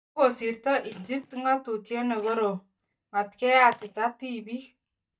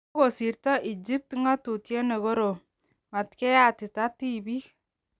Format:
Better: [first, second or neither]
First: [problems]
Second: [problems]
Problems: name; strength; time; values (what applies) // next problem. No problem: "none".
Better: second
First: noise reduction (neural mask model DeepFilterNet 3)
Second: none